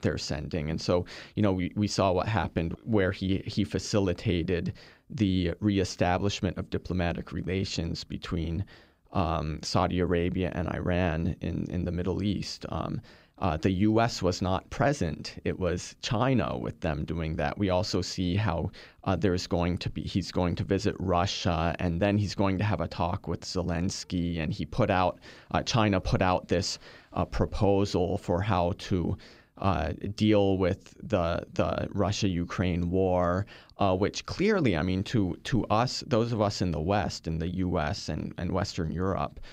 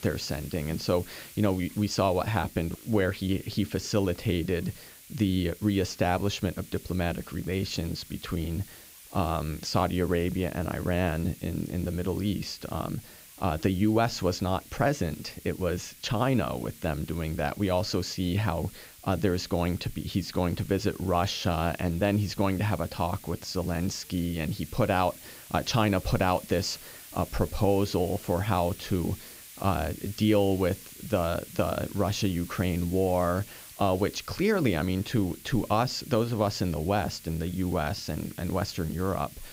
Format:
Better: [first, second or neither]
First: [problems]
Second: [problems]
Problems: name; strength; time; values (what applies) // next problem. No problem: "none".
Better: first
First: none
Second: hiss; noticeable; throughout; 15 dB below the speech